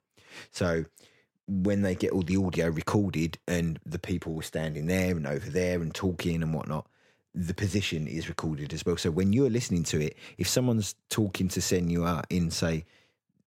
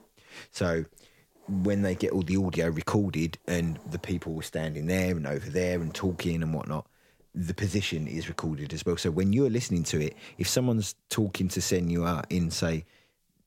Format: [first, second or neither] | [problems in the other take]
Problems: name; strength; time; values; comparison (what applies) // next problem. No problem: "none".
first | hiss; faint; throughout; 30 dB below the speech